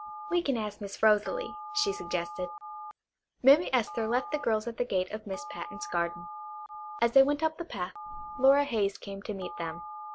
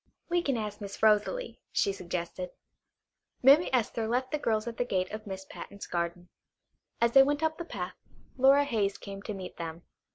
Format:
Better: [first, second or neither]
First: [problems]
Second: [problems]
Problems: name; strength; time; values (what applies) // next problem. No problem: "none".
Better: second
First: background sound (Telephone); 13 dB below the speech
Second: none